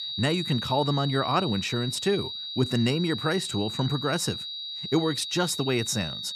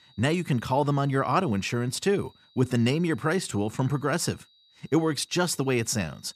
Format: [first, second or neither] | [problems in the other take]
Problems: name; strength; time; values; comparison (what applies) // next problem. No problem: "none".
second | high-pitched whine; loud; throughout; 4 kHz, 5 dB below the speech; faint in the second